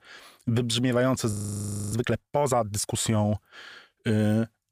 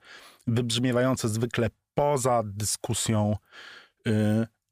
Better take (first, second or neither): second